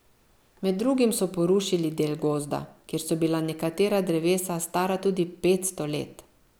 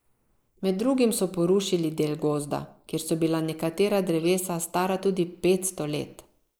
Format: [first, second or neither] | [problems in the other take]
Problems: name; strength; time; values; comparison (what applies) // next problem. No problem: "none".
first | noise reduction (neural mask model Resemble Enhance denoiser)